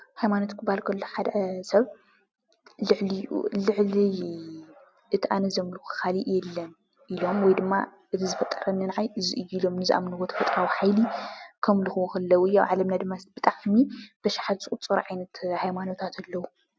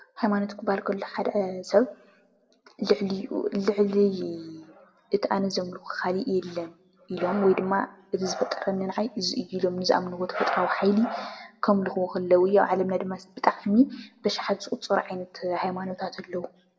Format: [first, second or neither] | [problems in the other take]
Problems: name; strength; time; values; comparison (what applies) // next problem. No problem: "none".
first | room echo; dies away in 0.5 s